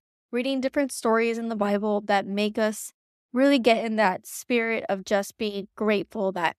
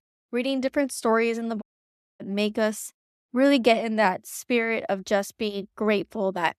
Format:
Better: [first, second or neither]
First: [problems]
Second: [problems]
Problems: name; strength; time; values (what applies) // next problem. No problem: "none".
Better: first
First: none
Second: audio cutting out; at 1.5 s for 0.5 s